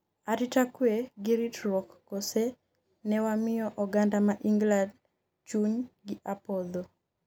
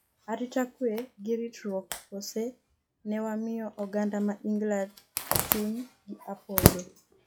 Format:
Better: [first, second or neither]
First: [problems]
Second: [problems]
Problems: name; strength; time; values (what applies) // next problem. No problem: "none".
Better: first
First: none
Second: noise reduction (classical method log-MMSE)